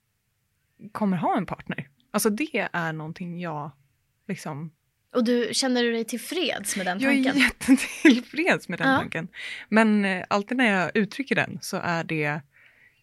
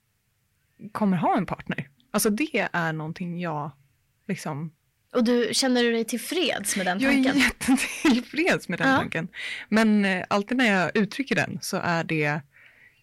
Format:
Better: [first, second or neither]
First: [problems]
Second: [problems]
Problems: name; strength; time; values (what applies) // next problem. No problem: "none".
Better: first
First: none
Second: distortion; slight; 10 dB below the speech